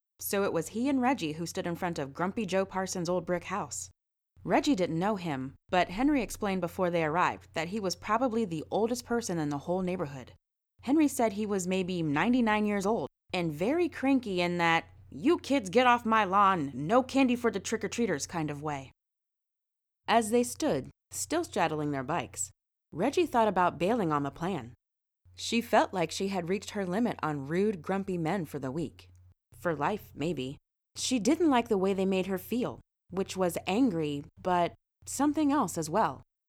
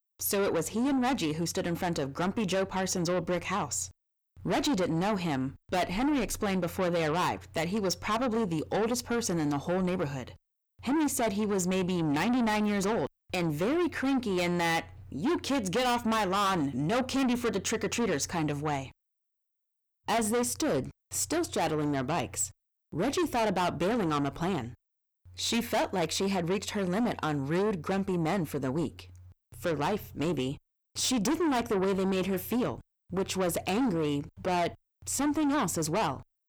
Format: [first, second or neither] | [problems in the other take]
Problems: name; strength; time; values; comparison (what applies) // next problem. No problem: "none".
first | distortion; heavy; 6 dB below the speech